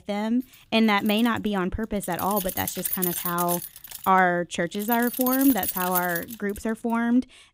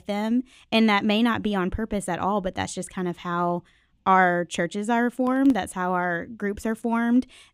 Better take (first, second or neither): second